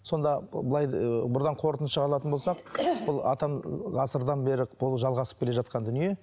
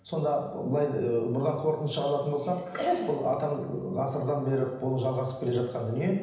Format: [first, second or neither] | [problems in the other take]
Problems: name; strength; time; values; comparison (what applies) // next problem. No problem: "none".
first | room echo; dies away in 0.9 s